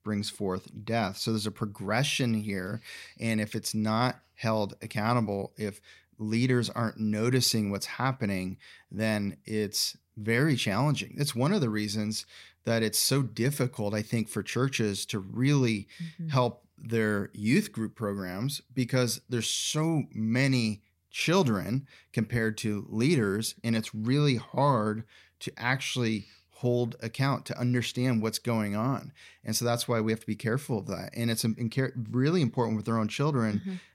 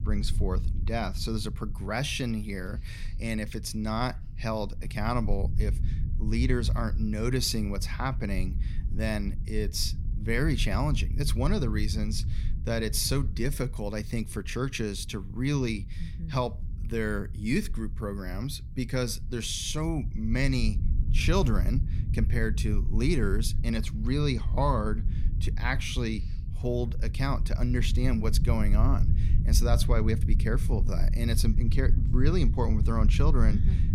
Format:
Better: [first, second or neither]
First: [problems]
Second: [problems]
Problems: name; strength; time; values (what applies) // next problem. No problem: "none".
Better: first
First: none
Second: low rumble; noticeable; throughout; 15 dB below the speech